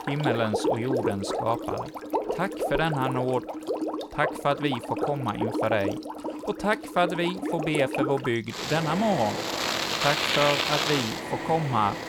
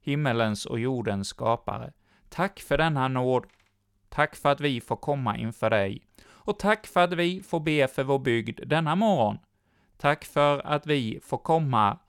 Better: second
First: household noises; loud; throughout; 2 dB below the speech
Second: none

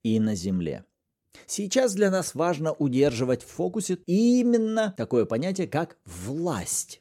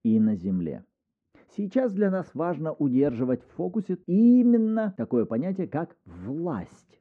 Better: first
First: none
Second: muffled; very; fading above 1.5 kHz

